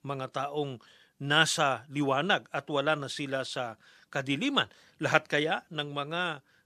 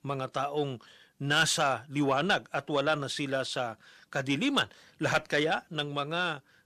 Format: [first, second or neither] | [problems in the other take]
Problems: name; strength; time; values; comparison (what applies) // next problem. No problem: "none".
first | distortion; slight; 10 dB below the speech